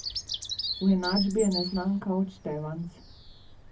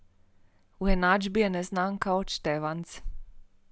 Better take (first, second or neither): second